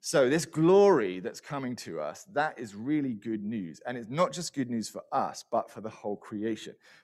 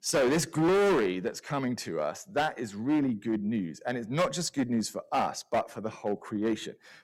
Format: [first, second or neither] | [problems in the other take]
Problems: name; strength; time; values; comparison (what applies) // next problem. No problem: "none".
first | distortion; heavy; 9% of the sound clipped